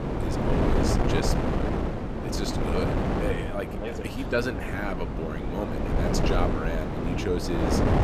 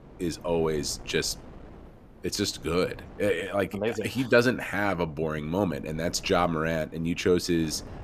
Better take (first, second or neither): second